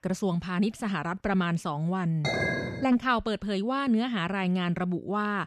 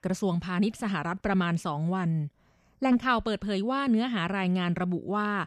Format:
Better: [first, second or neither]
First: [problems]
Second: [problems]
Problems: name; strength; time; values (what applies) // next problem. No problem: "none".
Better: second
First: clattering dishes; loud; at 2 s; peak 1 dB above the speech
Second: none